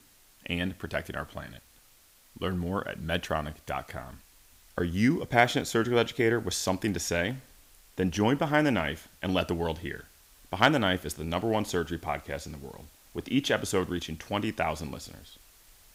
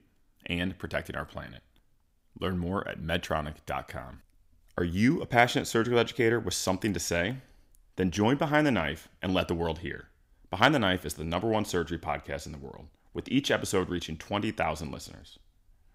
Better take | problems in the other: second | hiss; faint; throughout; 25 dB below the speech

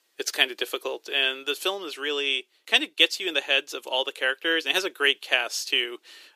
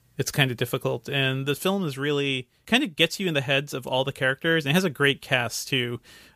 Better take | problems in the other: second | thin; very; fading below 350 Hz

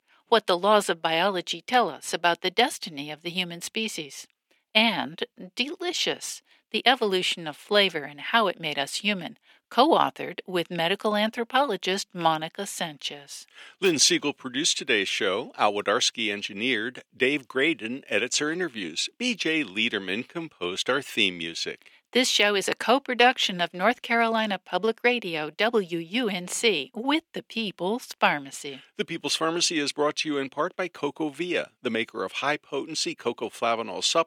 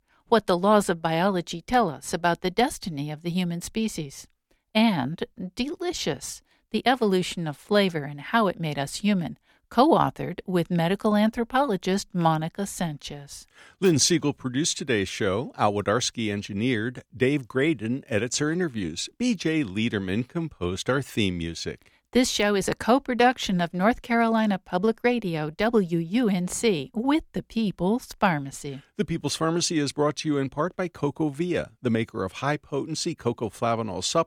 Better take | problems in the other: second | thin; very slightly; fading below 300 Hz

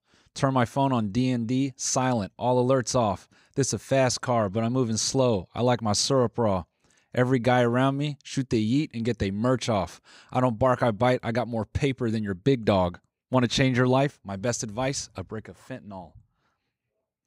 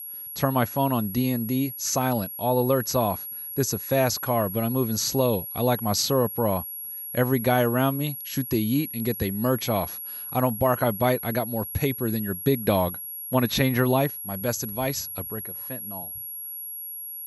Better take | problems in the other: first | high-pitched whine; loud; throughout; 11.5 kHz, 8 dB below the speech

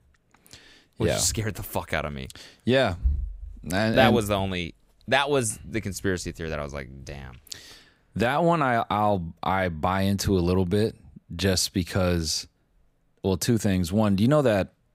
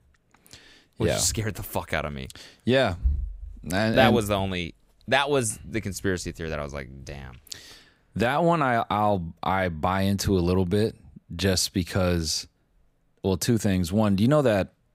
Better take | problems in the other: neither | none

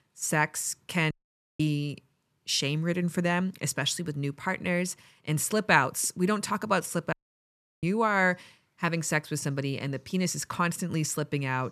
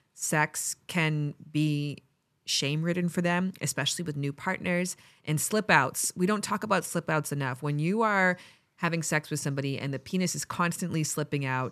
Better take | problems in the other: second | audio cutting out; at 1 s and at 7 s for 0.5 s

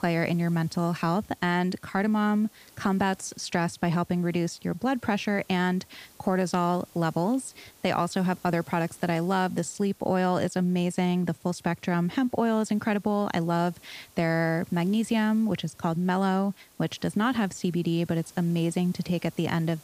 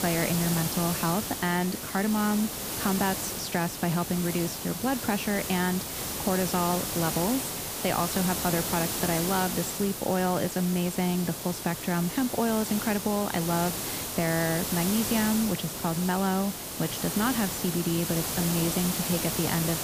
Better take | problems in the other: first | hiss; loud; throughout; 2 dB below the speech; faint in the first

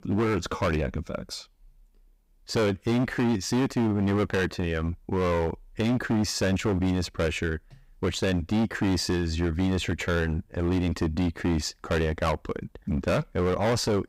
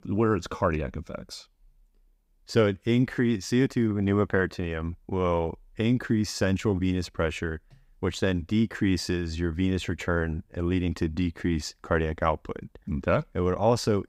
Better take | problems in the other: second | distortion; heavy; 16% of the sound clipped

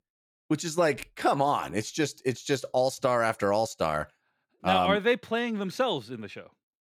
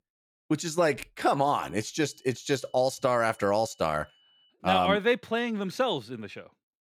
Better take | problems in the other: first | high-pitched whine; faint; from 1.5 to 4.5 s; 3 kHz, 35 dB below the speech

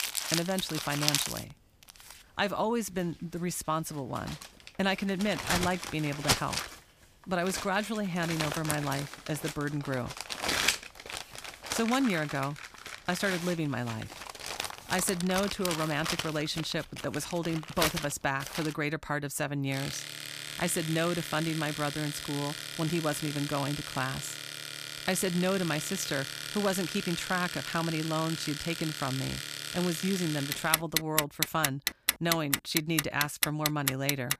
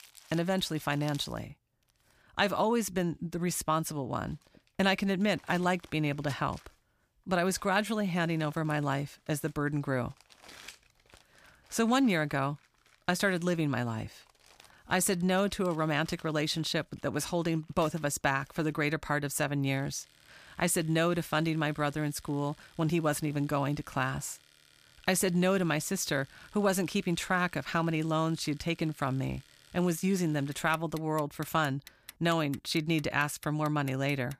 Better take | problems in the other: second | household noises; loud; throughout; 2 dB below the speech; faint in the second

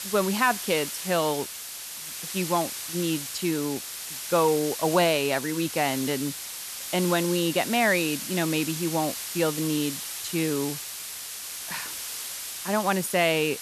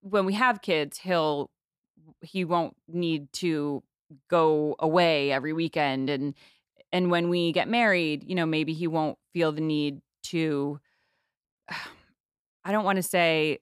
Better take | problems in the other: second | hiss; loud; throughout; 6 dB below the speech

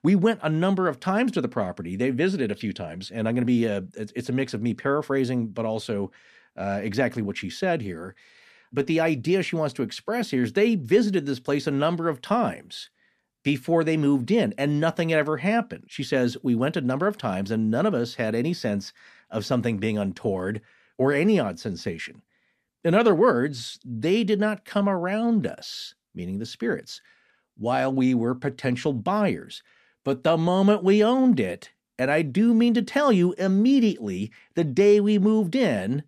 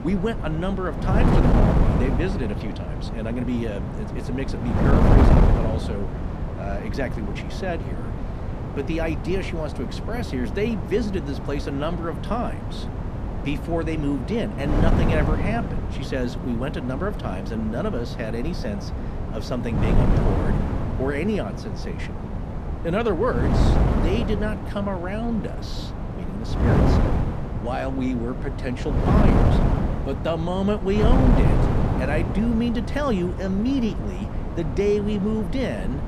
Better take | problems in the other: first | wind noise on the microphone; heavy; 2 dB below the speech

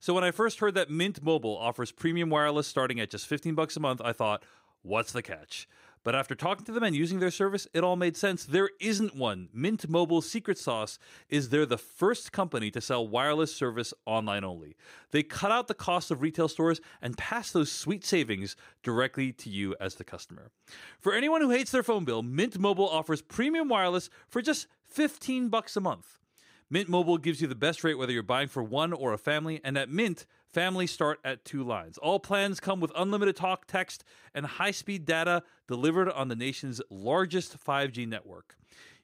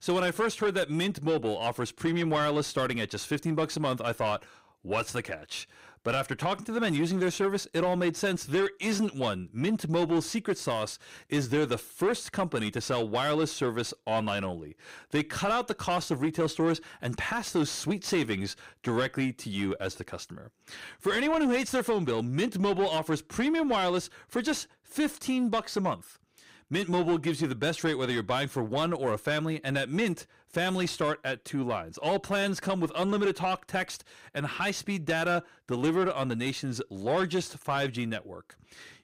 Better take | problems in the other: first | distortion; slight; 10 dB below the speech

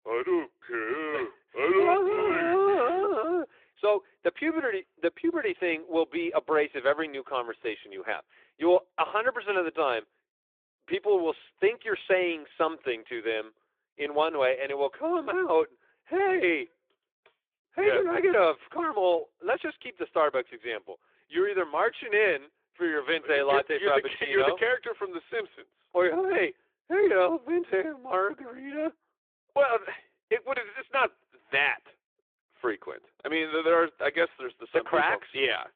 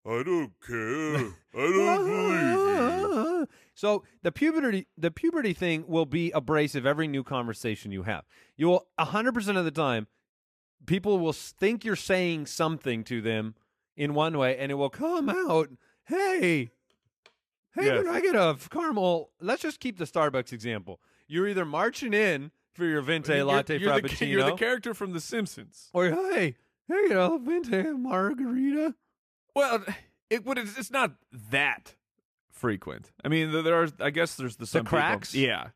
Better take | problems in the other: second | phone-call audio; nothing above 3.5 kHz

